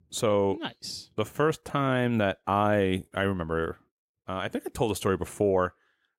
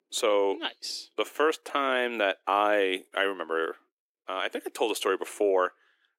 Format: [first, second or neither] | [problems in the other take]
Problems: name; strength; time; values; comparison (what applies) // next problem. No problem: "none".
first | thin; somewhat; fading below 300 Hz